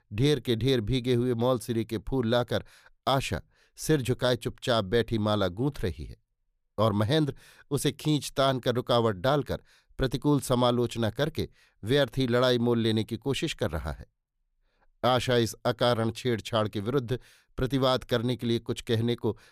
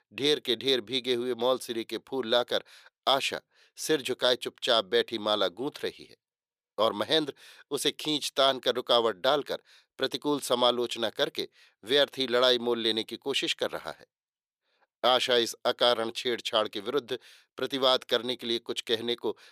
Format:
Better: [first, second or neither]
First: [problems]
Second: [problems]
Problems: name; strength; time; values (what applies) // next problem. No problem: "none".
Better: first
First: none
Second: thin; somewhat; fading below 400 Hz